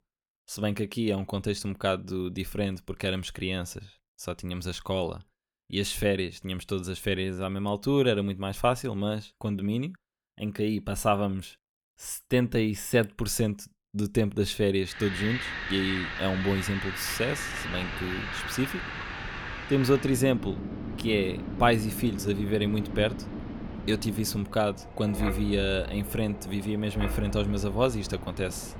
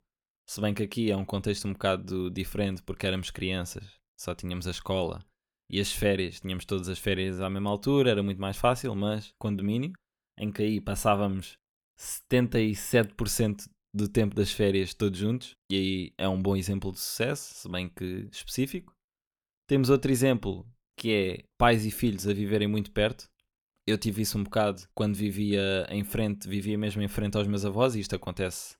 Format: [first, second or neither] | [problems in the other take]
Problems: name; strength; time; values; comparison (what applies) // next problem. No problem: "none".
second | wind in the background; loud; from 15 s on; 7 dB below the speech